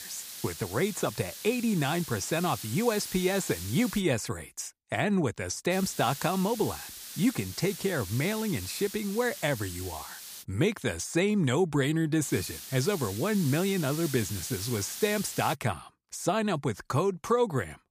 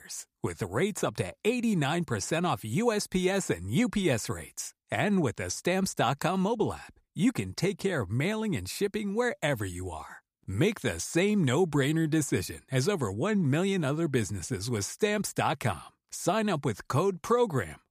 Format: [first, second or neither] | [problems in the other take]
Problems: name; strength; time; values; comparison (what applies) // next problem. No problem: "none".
second | hiss; loud; until 4 s, from 5.5 to 10 s and from 12 to 16 s; 10 dB below the speech